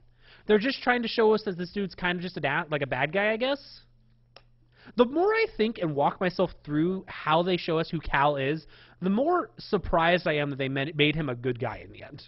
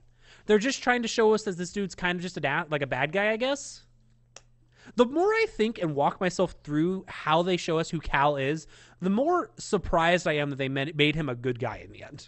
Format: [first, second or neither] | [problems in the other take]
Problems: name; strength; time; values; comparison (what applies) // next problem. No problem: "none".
second | garbled, watery; badly; nothing above 5.5 kHz; slightly in the second